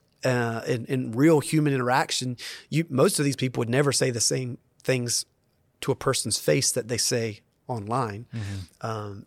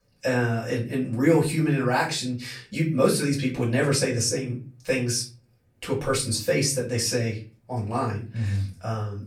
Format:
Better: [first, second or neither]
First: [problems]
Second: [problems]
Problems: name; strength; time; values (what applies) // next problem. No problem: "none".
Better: first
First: none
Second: off-mic speech; far // room echo; slight; dies away in 0.4 s